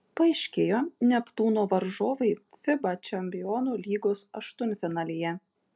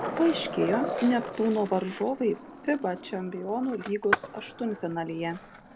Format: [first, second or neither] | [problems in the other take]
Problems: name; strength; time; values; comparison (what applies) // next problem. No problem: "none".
first | background sound (Skateboard); 7 dB below the speech